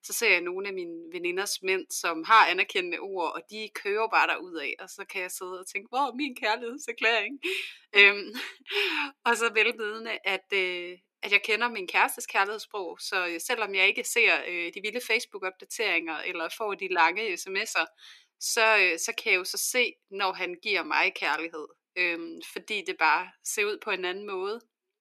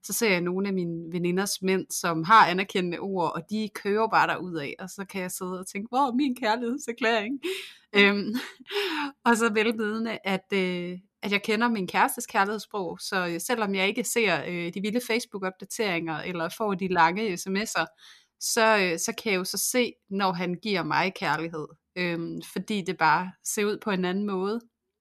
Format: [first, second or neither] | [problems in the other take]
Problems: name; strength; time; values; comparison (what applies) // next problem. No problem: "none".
second | thin; somewhat; fading below 350 Hz